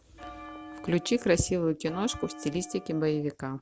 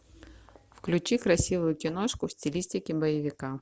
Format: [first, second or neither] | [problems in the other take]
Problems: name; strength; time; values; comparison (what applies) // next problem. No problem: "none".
second | background sound (Bell); 15 dB below the speech